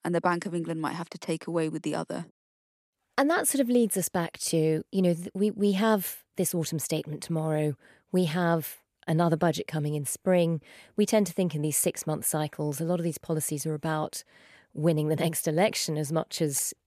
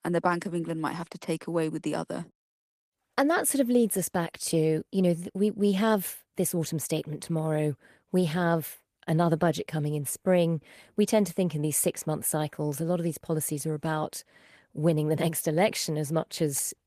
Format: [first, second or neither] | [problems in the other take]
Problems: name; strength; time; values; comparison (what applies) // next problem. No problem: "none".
first | garbled, watery; slightly; nothing above 14.5 kHz